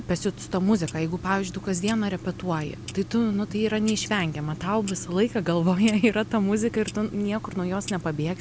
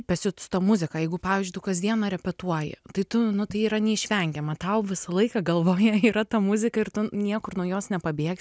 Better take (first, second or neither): second